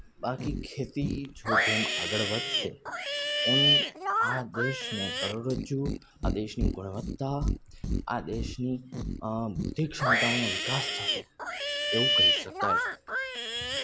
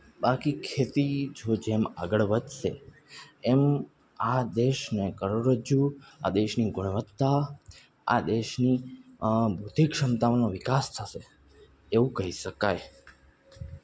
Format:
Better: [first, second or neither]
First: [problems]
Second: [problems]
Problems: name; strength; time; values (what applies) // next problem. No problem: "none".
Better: second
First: background sound (Livestock, farm animals, working animals); 4 dB above the speech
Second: none